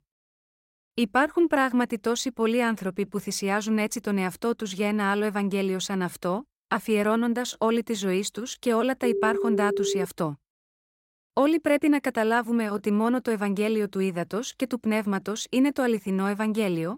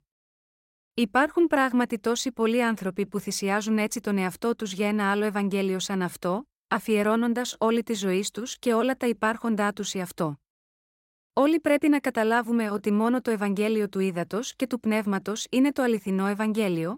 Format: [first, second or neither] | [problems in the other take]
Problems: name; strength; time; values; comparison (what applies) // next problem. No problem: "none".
second | phone ringing; noticeable; from 9 to 10 s; peak 1 dB below the speech